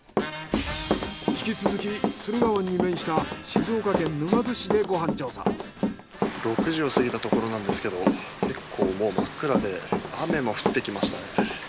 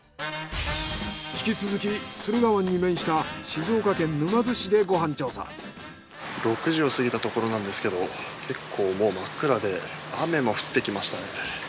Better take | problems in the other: second | background sound (Run); as loud as the speech

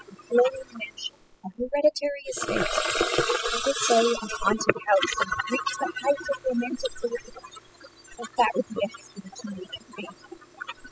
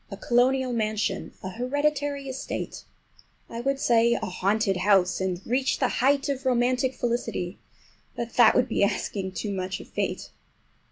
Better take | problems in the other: second | noise reduction (classical method spectral subtraction)

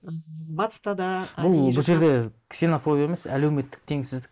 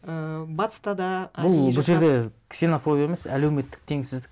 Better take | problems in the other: second | noise reduction (neural mask model Resemble Enhance denoiser)

